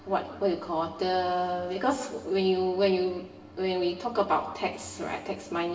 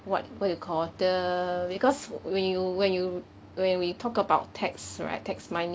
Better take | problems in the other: second | room echo; dies away in 1 s

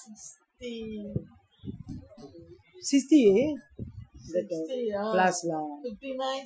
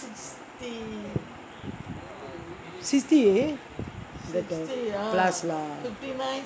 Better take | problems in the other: second | noise reduction (classical method Wiener filter)

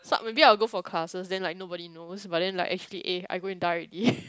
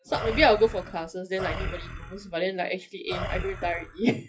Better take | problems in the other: first | noise reduction (classical method WPE with log-MMSE)

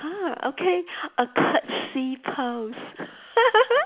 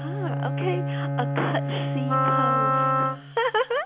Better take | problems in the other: first | background sound (Wind instrument, woodwind instrument + Bowed string instrument); 4 dB above the speech

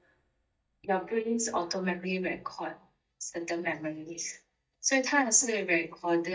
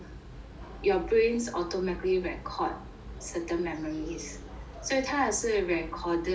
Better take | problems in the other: second | noise reduction (neural mask model DeepFilterNet 3)

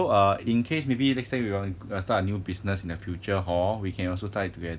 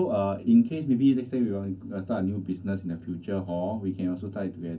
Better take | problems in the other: first | room echo; dies away in 0.4 s

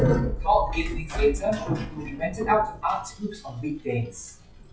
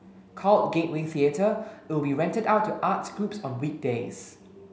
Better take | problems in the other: second | noise reduction (classical method WPE with log-MMSE)

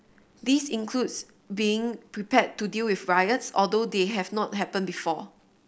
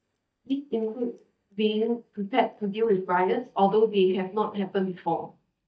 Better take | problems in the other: first | noise reduction (neural mask model DeepFilterNet 3)

